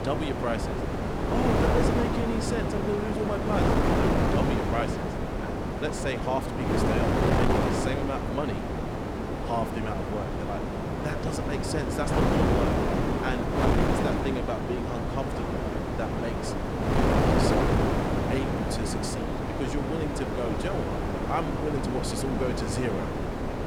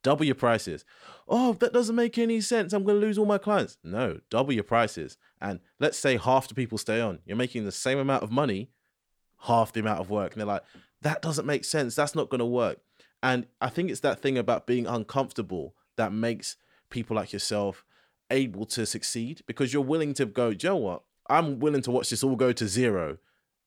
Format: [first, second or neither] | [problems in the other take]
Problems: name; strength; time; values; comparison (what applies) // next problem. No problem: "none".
second | wind noise on the microphone; heavy; 4 dB above the speech